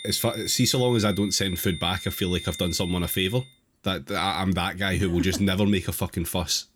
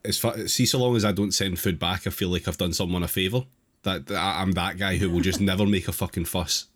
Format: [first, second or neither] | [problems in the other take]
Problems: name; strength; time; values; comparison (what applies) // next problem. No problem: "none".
second | high-pitched whine; noticeable; until 3.5 s; 3.5 kHz, 10 dB below the speech